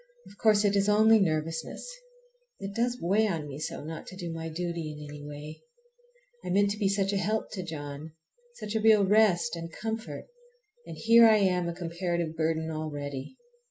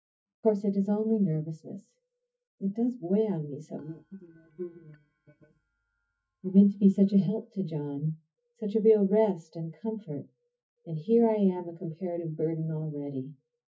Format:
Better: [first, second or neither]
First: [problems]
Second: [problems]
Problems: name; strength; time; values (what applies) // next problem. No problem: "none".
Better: first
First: none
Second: noise reduction (neural mask model DeepFilterNet 3)